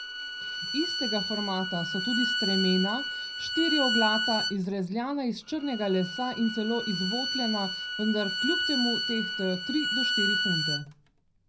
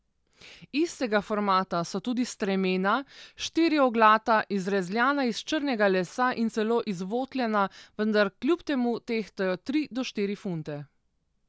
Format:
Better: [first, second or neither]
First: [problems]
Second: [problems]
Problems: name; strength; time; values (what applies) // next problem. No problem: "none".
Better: second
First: background sound (Bowed string instrument); 1 dB below the speech // room echo; dies away in 0.4 s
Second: none